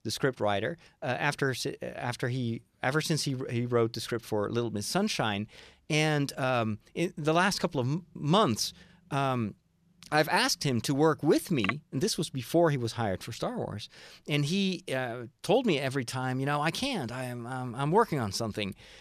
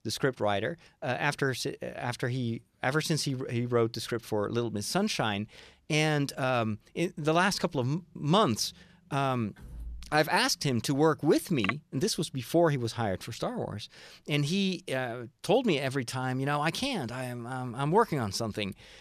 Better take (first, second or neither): first